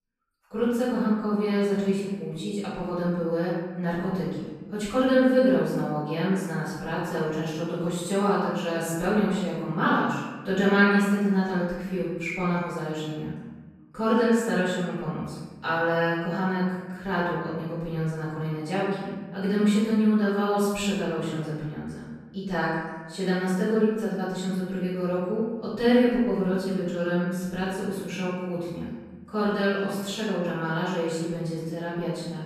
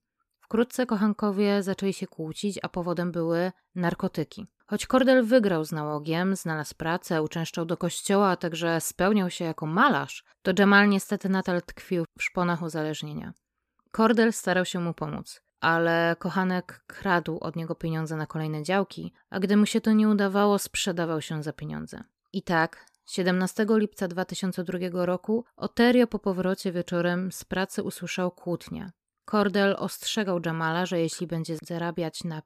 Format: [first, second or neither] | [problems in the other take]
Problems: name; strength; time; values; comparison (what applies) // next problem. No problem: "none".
second | room echo; strong; dies away in 1.3 s // off-mic speech; far